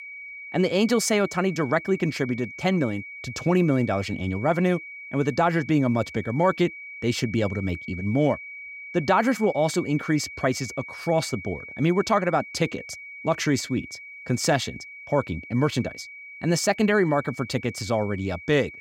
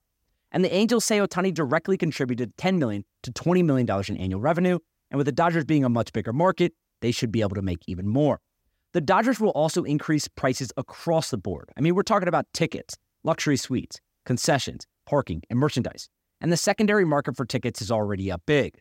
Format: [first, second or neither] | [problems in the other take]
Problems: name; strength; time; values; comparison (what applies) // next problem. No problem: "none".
second | high-pitched whine; noticeable; throughout; 2.5 kHz, 15 dB below the speech